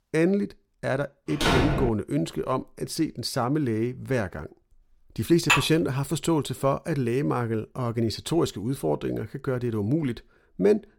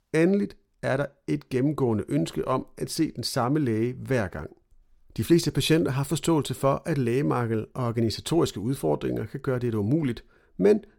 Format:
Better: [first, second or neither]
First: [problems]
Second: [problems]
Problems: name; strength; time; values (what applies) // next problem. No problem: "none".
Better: second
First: door banging; loud; at 1.5 s; peak 4 dB above the speech // clattering dishes; loud; at 5.5 s; peak 4 dB above the speech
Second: none